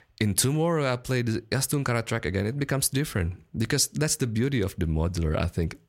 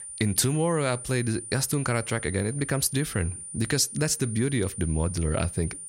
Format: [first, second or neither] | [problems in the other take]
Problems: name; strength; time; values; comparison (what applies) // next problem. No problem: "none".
first | high-pitched whine; loud; throughout; 9.5 kHz, 10 dB below the speech